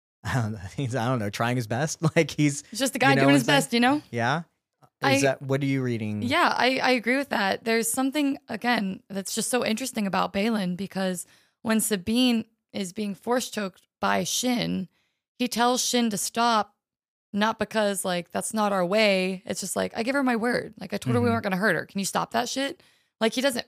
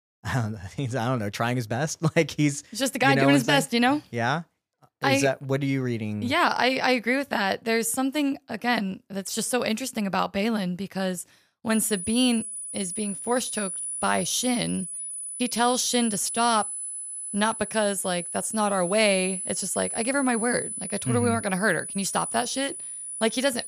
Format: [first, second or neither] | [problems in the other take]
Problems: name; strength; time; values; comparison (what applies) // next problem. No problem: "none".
first | high-pitched whine; loud; from 12 s on; 10 kHz, 6 dB below the speech